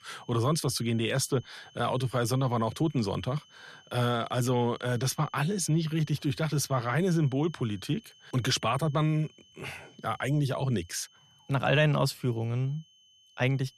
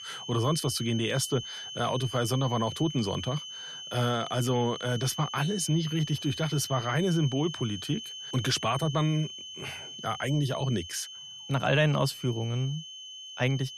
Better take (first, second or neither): first